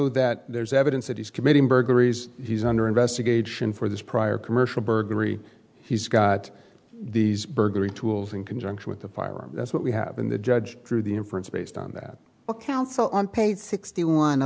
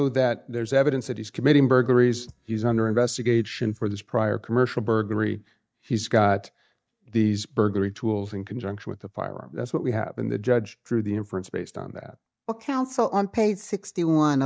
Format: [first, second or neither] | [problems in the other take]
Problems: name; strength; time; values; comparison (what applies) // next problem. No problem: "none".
first | noise reduction (neural mask model DeepFilterNet 3)